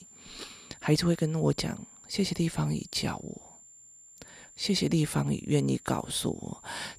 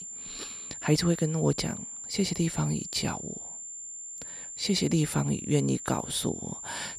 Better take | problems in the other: first | high-pitched whine; loud; throughout; 7 kHz, 9 dB below the speech; faint in the first

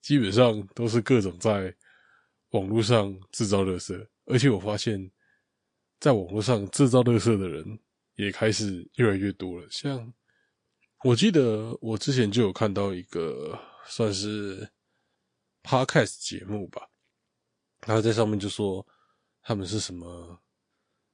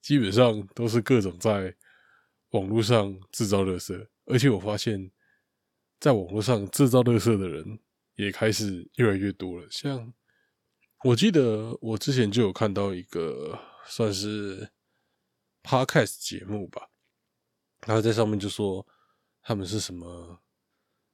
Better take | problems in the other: second | garbled, watery; slightly; nothing above 8 kHz

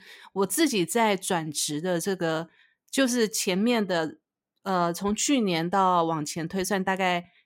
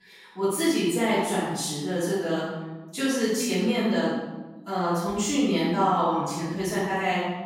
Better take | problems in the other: first | off-mic speech; far // room echo; strong; dies away in 1.1 s

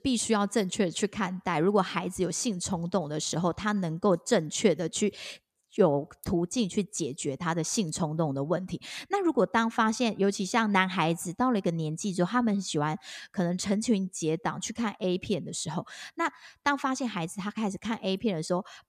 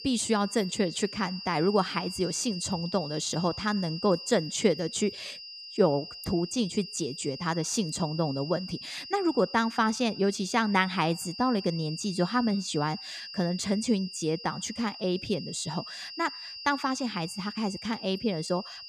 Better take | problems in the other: first | high-pitched whine; noticeable; throughout; 5 kHz, 10 dB below the speech

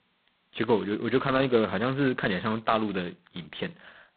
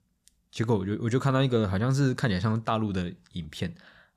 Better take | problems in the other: second | phone-call audio; poor line; nothing above 4 kHz

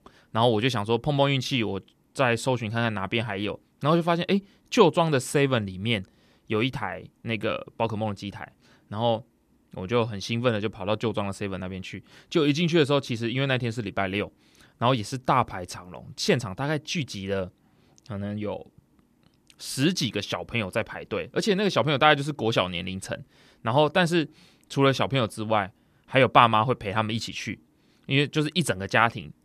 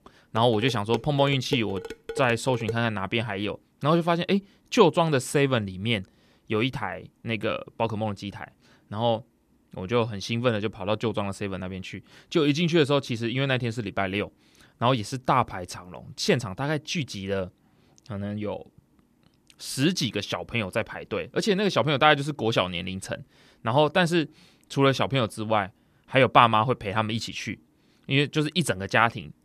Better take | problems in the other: first | clattering dishes; noticeable; until 2.5 s; peak 8 dB below the speech

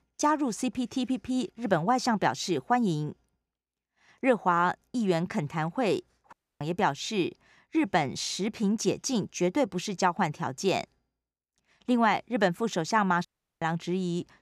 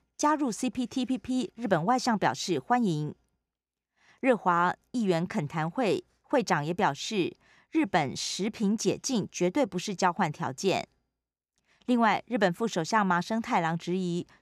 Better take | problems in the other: second | audio cutting out; at 6.5 s and at 13 s

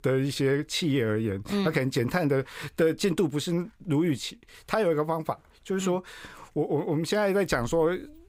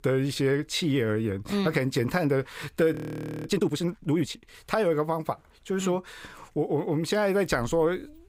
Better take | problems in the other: first | audio freezing; at 3 s for 0.5 s

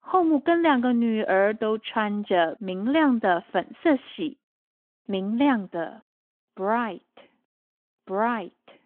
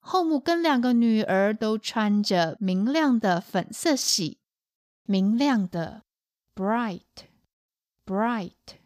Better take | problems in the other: second | phone-call audio

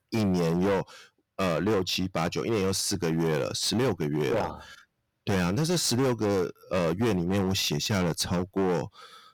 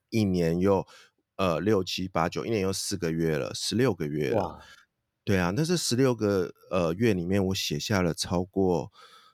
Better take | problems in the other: second | distortion; heavy; 16% of the sound clipped

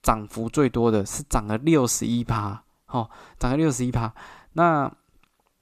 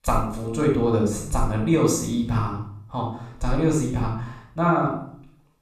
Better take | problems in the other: first | off-mic speech; far // room echo; noticeable; dies away in 0.5 s

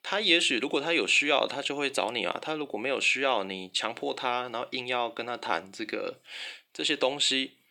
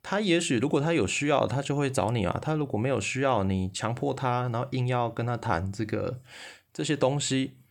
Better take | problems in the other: second | thin; somewhat; fading below 300 Hz

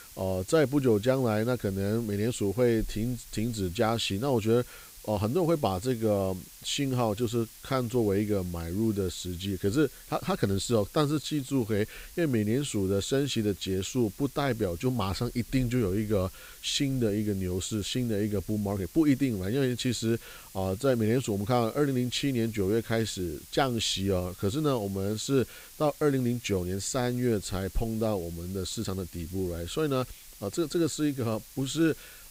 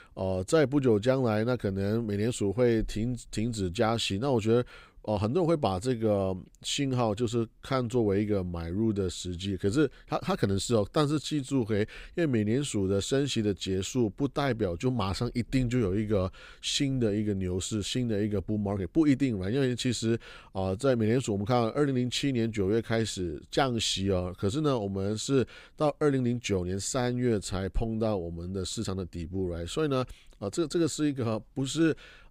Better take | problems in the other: second | hiss; noticeable; throughout; 20 dB below the speech

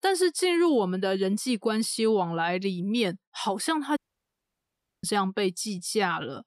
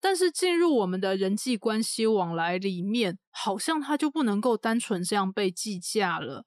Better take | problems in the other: second | audio cutting out; at 4 s for 1 s

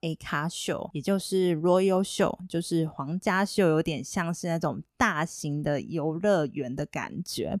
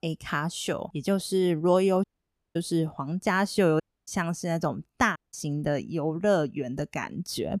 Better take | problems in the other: first | audio cutting out; at 2 s for 0.5 s, at 4 s and at 5 s

